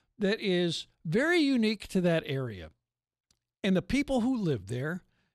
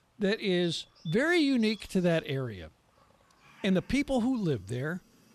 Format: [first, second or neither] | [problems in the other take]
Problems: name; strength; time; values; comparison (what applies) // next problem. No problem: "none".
first | animal sounds; faint; throughout; 25 dB below the speech